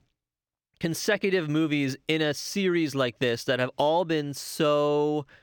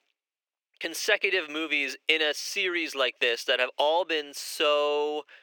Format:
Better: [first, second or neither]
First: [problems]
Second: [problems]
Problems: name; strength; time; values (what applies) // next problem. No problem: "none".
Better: first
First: none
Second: thin; very; fading below 400 Hz